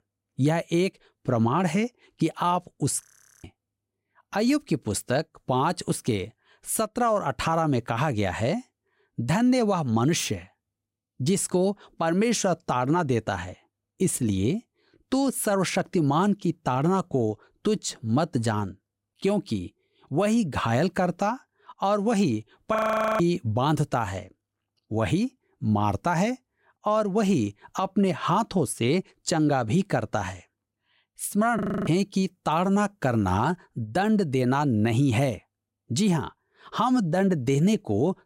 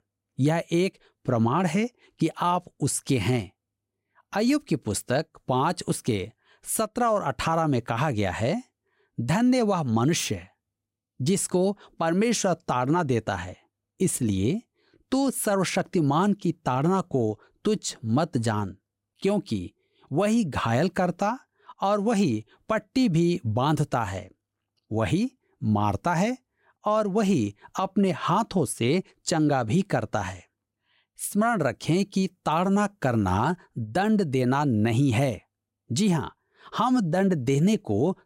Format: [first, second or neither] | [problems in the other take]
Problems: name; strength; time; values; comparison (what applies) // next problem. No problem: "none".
second | audio freezing; at 3 s, at 23 s and at 32 s